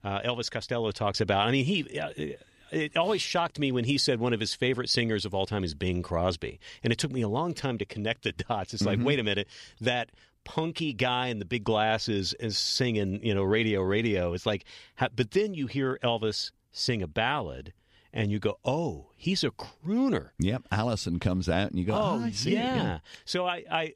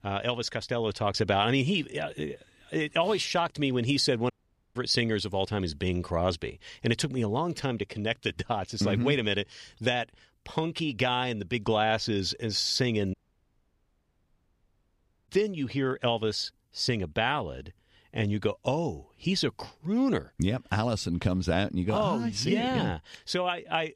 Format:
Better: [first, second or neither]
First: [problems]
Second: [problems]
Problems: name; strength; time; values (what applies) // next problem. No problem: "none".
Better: first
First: none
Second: audio cutting out; at 4.5 s and at 13 s for 2 s